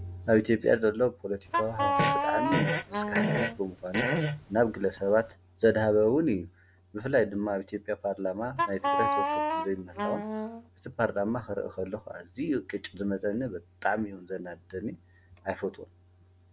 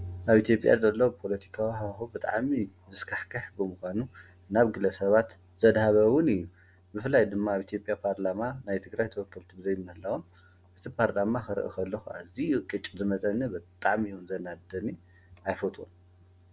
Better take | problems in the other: second | background sound (Wind instrument, woodwind instrument + Fart); 1 dB above the speech

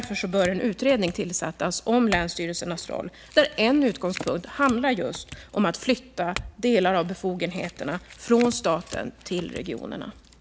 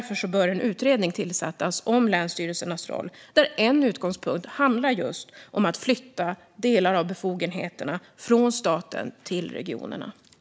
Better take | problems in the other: second | background sound (Chink, clink / Domestic sounds, home sounds); 17 dB below the speech

